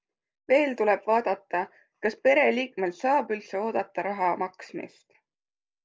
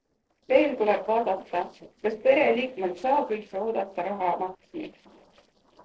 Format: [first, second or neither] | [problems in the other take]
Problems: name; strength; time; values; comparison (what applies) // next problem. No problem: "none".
first | noise reduction (neural separator model SepFormer DNS4)